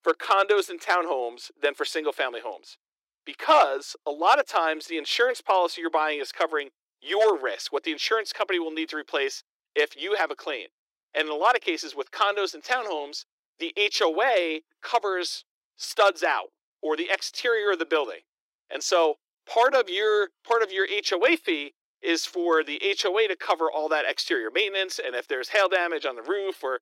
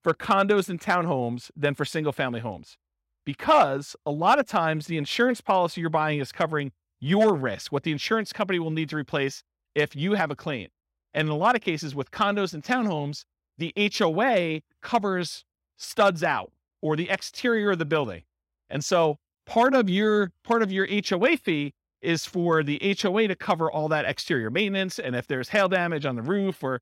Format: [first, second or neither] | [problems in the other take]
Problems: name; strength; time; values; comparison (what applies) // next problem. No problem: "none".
second | thin; very; fading below 300 Hz